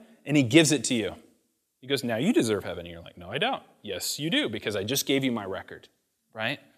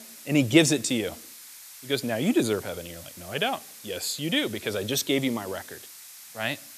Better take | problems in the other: first | hiss; noticeable; throughout; 15 dB below the speech

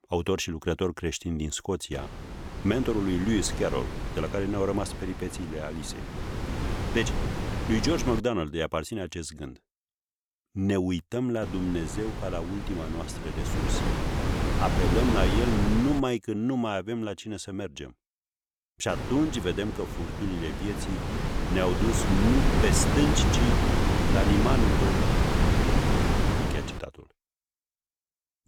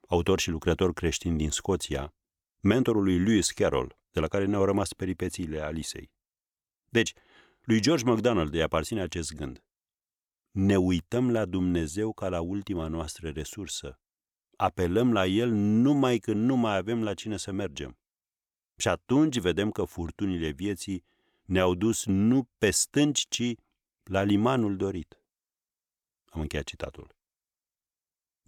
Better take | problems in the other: second | wind noise on the microphone; heavy; from 2 to 8 s, from 11 to 16 s and from 19 to 27 s; as loud as the speech

